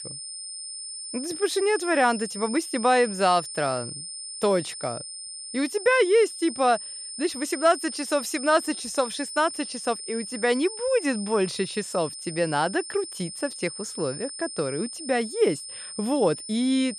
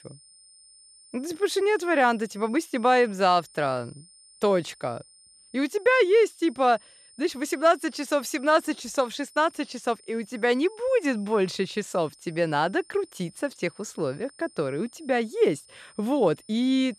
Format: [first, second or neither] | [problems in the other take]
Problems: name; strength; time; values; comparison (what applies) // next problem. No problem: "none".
second | high-pitched whine; loud; throughout; 9 kHz, 9 dB below the speech; faint in the second